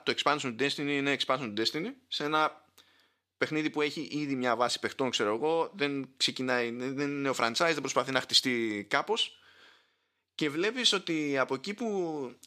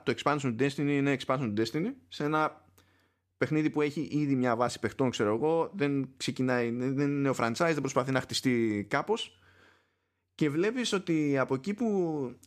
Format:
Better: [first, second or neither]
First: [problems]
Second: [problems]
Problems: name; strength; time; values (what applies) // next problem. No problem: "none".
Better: second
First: thin; very slightly; fading below 950 Hz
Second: none